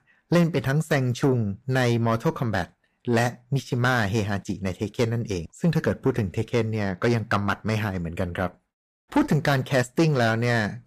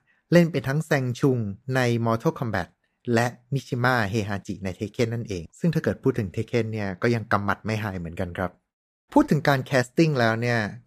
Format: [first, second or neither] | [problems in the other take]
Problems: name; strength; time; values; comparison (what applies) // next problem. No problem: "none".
second | distortion; slight; 10 dB below the speech